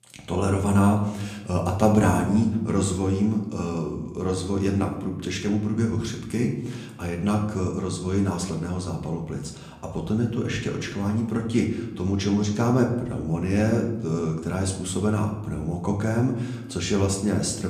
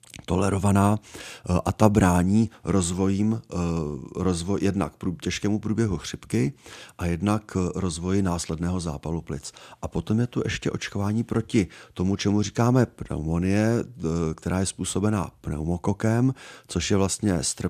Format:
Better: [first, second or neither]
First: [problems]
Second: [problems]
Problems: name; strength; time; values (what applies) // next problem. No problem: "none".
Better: second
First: room echo; slight; dies away in 0.7 s // off-mic speech; somewhat distant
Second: none